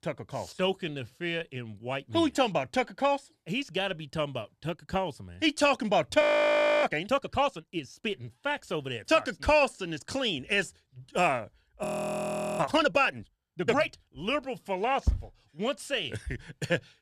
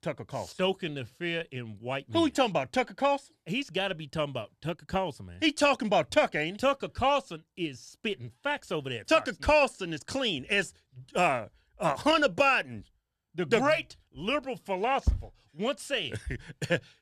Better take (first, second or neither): second